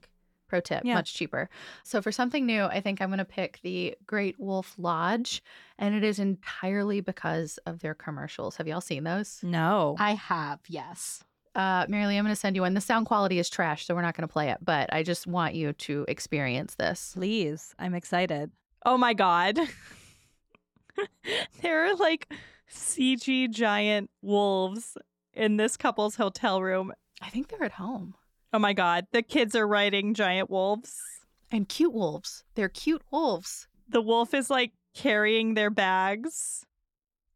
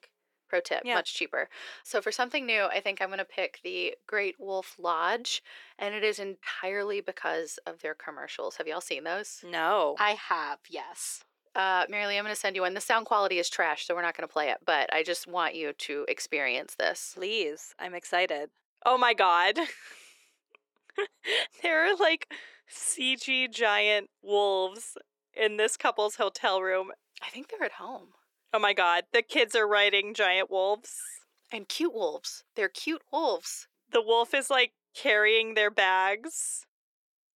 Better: first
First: none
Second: thin; very; fading below 400 Hz

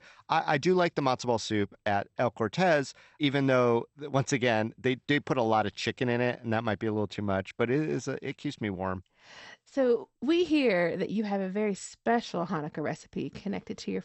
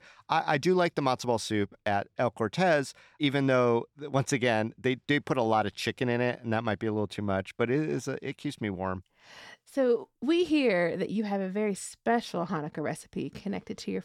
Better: second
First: garbled, watery; slightly; nothing above 8 kHz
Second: none

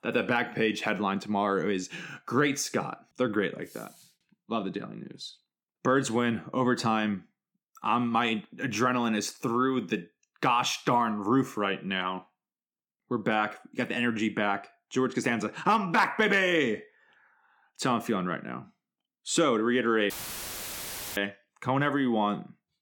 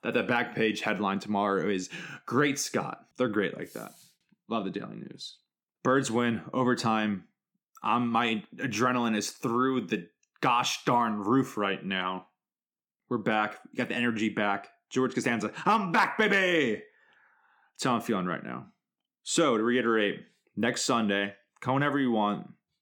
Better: second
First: audio cutting out; filled with static; at 20 s for 1 s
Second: none

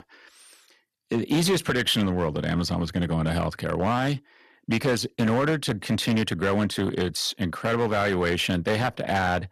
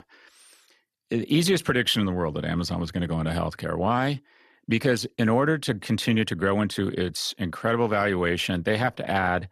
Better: second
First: distortion; slight; 7% of the sound clipped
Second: none

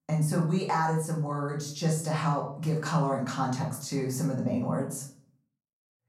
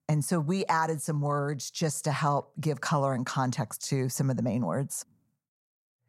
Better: second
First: room echo; slight; dies away in 0.4 s // off-mic speech; far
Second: none

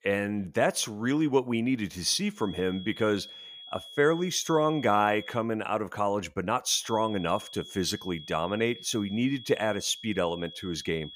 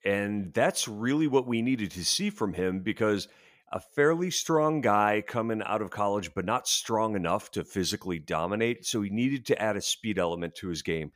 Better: second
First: high-pitched whine; noticeable; from 2.5 to 5.5 s and from 7 s on; 3.5 kHz, 15 dB below the speech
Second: none

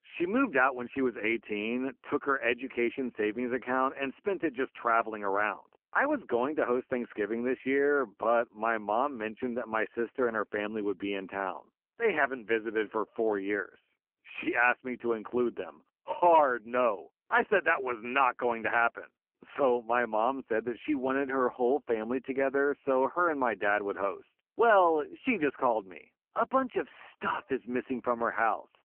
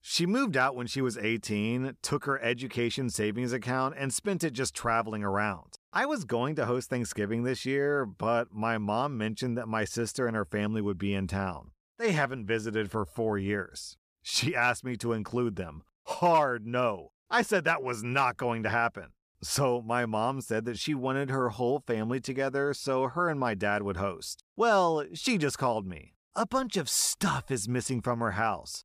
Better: second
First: phone-call audio; poor line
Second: none

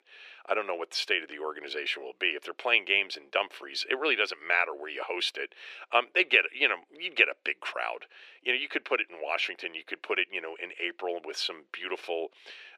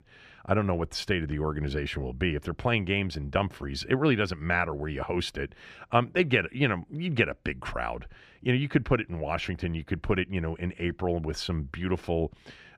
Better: second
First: thin; very; fading below 400 Hz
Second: none

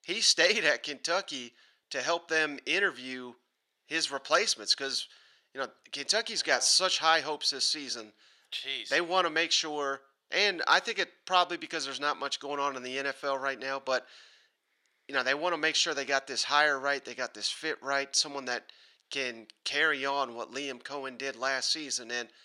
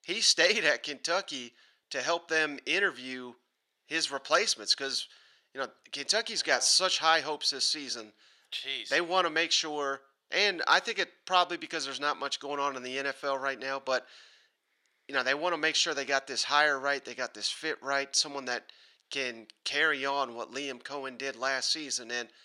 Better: neither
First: thin; very; fading below 700 Hz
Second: thin; very; fading below 700 Hz

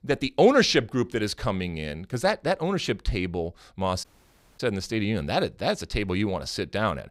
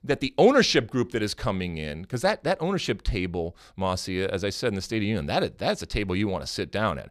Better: second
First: audio cutting out; at 4 s for 0.5 s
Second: none

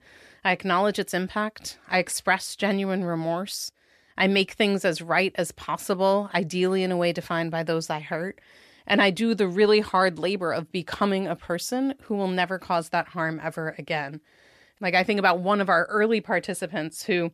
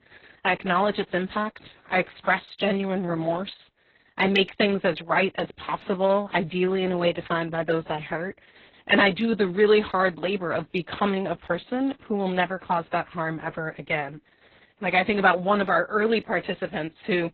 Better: first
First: none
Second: garbled, watery; badly; nothing above 6.5 kHz

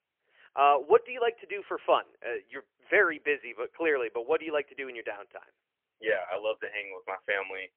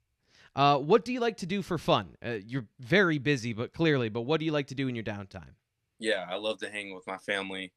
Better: second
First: phone-call audio; poor line; nothing above 3 kHz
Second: none

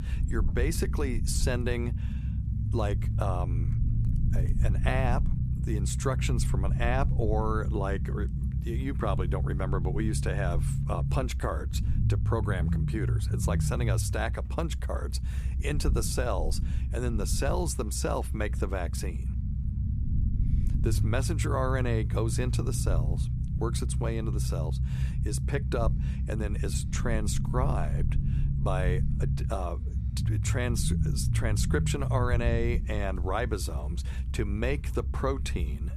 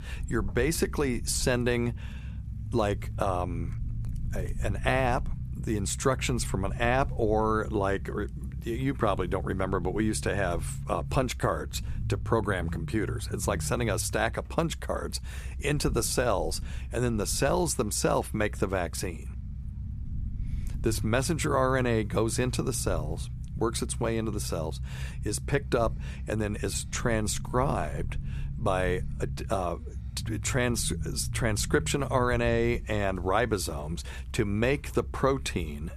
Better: second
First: low rumble; loud; throughout; 9 dB below the speech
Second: low rumble; faint; throughout; 20 dB below the speech

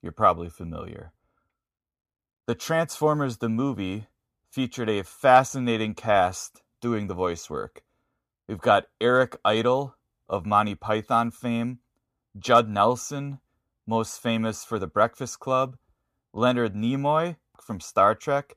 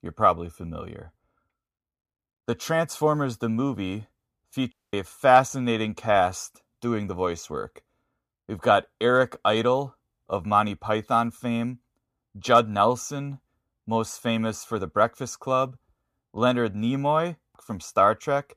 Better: first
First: none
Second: audio cutting out; at 4.5 s

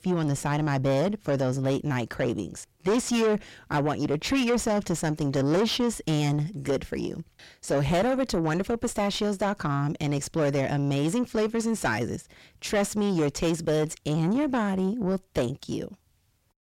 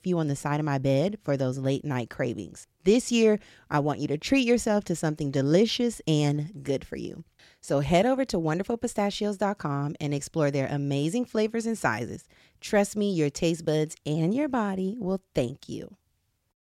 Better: second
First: distortion; heavy; 6 dB below the speech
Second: none

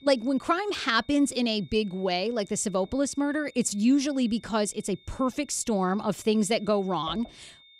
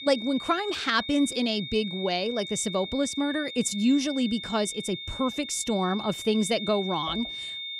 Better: first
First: high-pitched whine; faint; throughout; 3.5 kHz, 30 dB below the speech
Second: high-pitched whine; loud; throughout; 3.5 kHz, 8 dB below the speech

